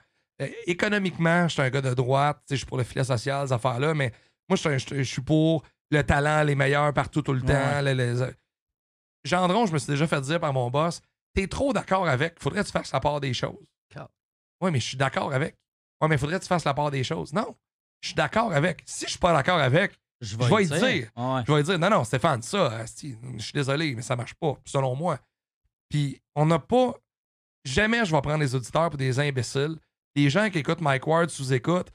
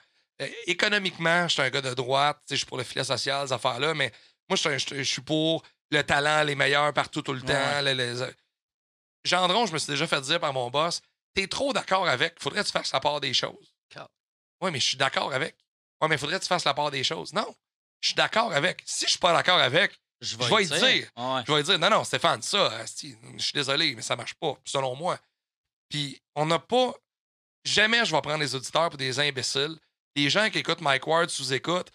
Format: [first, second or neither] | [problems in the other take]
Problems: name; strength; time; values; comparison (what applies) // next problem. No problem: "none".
first | thin; somewhat; fading below 500 Hz